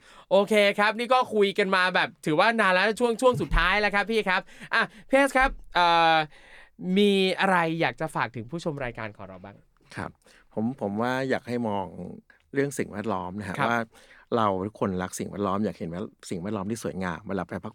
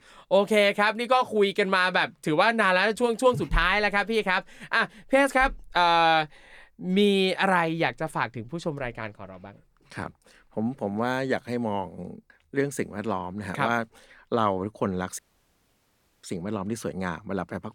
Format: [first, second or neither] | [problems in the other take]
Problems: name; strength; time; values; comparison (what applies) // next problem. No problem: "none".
first | audio cutting out; at 15 s for 1 s